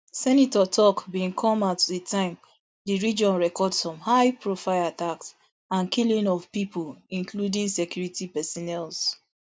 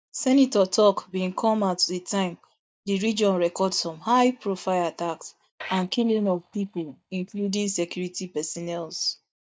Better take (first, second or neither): first